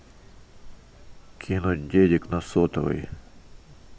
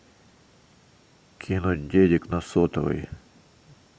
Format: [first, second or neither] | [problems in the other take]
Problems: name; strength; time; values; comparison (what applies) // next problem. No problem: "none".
second | background sound (Chirp, tweet); 19 dB below the speech